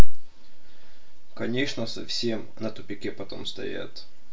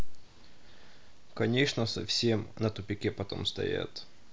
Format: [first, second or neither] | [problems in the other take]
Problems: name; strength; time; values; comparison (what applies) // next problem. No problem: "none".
second | room echo; dies away in 0.2 s